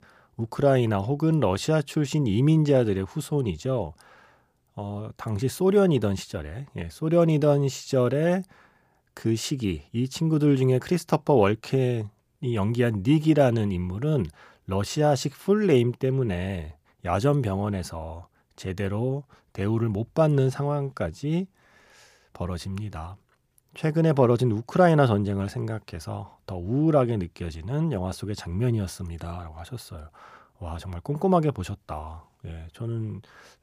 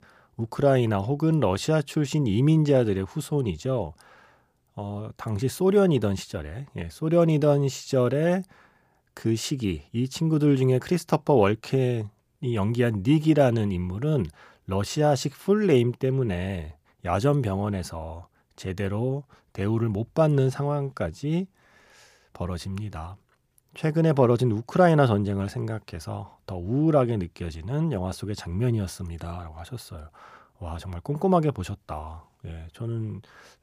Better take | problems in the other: neither | none

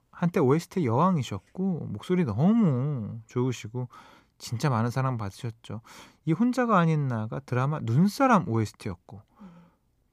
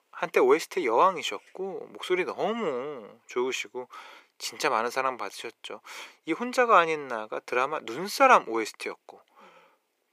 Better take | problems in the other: first | thin; very; fading below 400 Hz

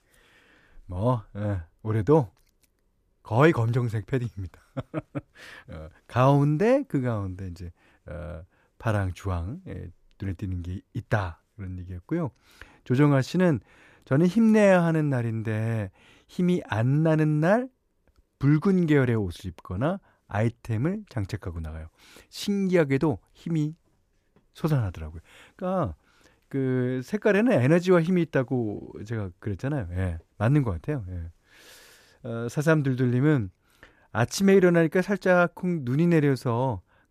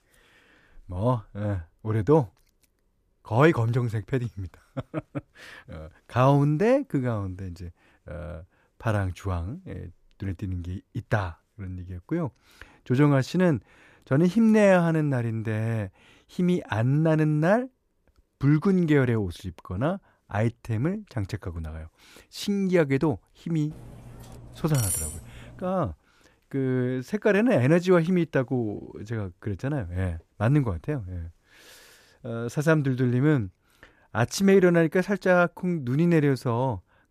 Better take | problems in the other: first | clattering dishes; noticeable; from 24 to 26 s; peak 3 dB below the speech

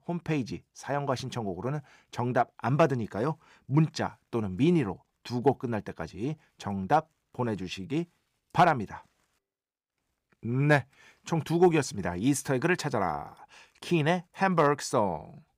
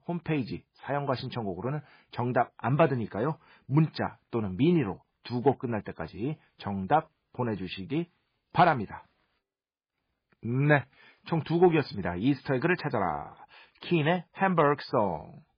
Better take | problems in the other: first | garbled, watery; badly; nothing above 4.5 kHz

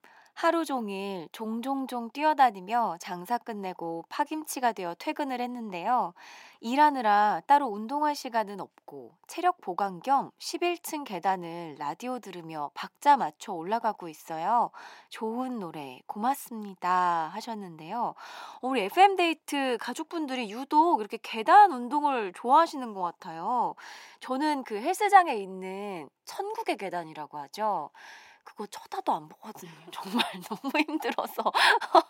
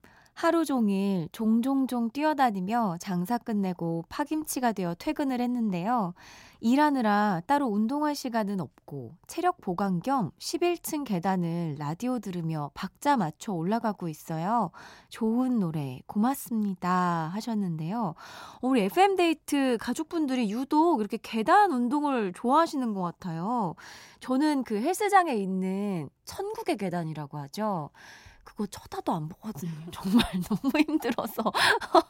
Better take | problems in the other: second | thin; somewhat; fading below 350 Hz

